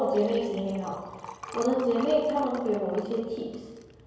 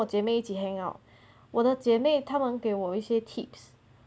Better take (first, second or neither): second